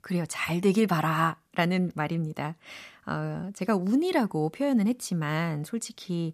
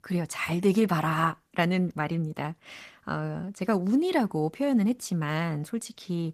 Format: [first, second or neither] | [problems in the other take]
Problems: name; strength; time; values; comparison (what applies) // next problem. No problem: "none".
first | garbled, watery; slightly; nothing above 14.5 kHz